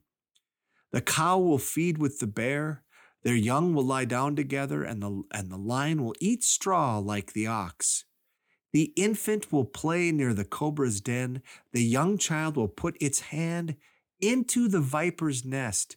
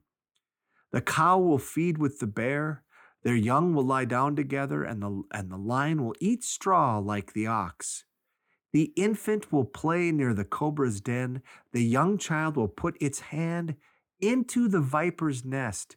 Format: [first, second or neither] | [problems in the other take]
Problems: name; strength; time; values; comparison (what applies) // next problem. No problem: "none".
first | muffled; slightly; fading above 2.5 kHz